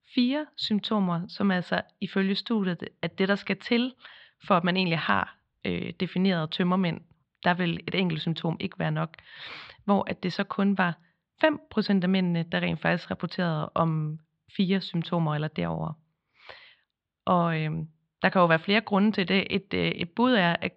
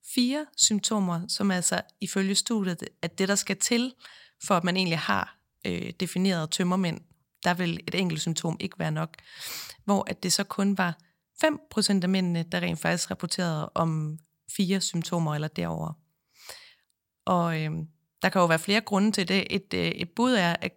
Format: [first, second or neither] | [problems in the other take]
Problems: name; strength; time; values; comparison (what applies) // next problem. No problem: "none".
second | muffled; slightly; fading above 3.5 kHz